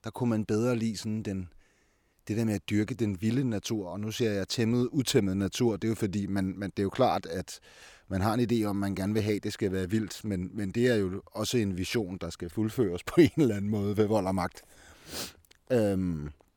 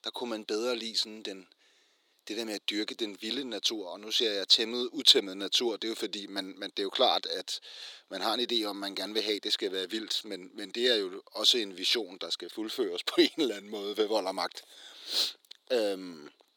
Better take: first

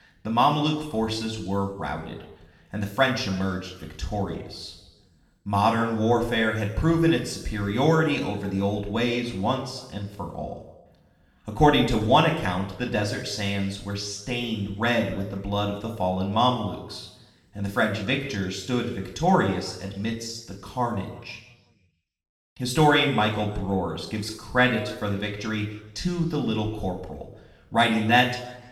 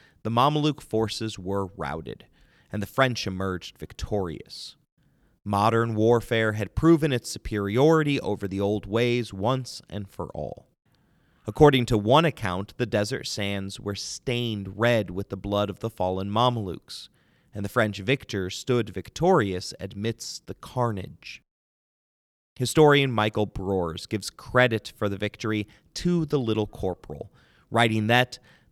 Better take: second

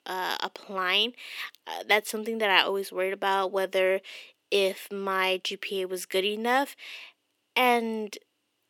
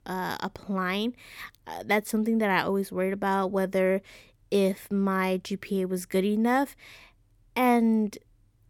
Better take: second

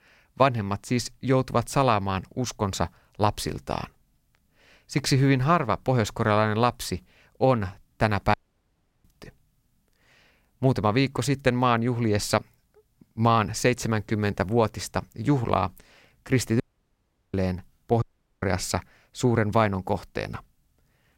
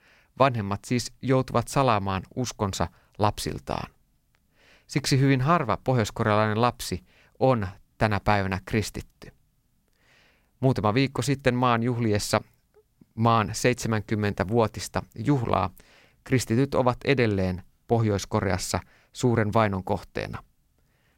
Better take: second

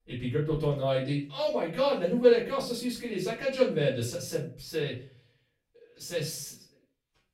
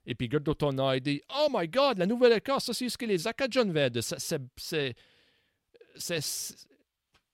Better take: second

